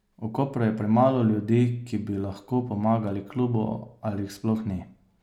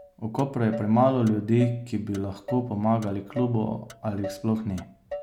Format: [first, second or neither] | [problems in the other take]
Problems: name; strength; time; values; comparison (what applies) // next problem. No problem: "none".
first | background sound (Motor vehicle (road)); 15 dB below the speech